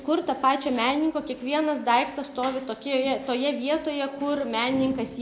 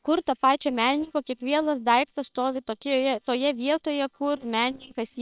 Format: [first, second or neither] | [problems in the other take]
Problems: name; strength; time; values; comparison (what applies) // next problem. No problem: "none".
first | noise reduction (neural separator model SepFormer WHAM!)